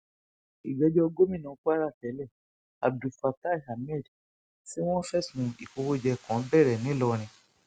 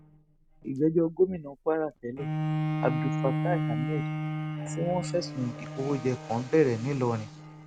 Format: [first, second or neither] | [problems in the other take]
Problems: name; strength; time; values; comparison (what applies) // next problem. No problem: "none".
first | background sound (Bowed string instrument); 4 dB below the speech